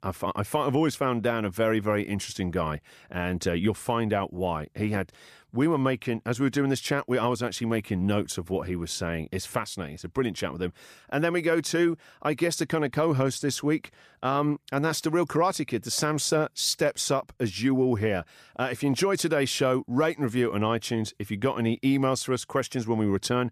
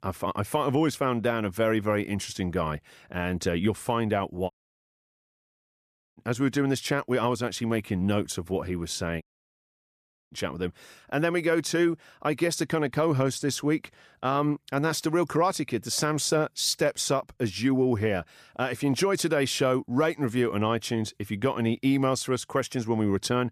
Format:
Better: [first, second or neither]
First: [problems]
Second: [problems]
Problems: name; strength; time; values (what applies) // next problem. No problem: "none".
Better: first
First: none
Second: audio cutting out; at 4.5 s for 1.5 s and at 9 s for 1 s